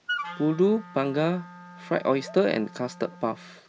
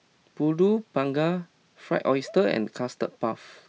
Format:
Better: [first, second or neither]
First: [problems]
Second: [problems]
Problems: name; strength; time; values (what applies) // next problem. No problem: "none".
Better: second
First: background sound (Wind instrument, woodwind instrument); 13 dB below the speech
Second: none